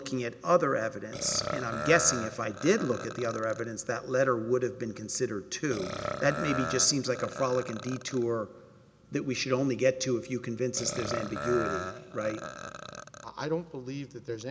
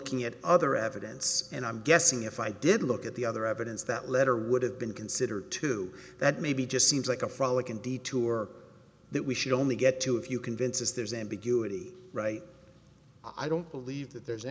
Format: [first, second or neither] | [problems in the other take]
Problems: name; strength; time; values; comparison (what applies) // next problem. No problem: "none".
second | background sound (Burping, eructation); 7 dB below the speech